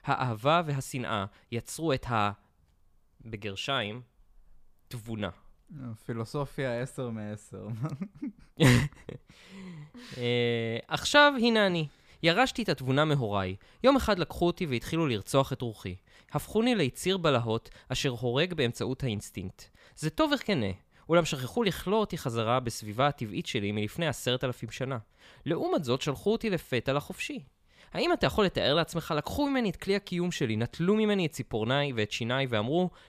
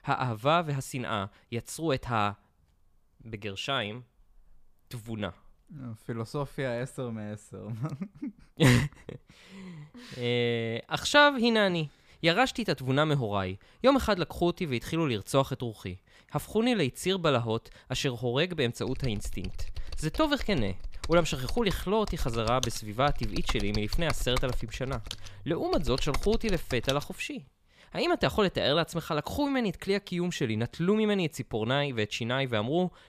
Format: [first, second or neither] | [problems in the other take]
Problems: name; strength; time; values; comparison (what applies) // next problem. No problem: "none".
first | keyboard typing; noticeable; from 19 to 27 s; peak 6 dB below the speech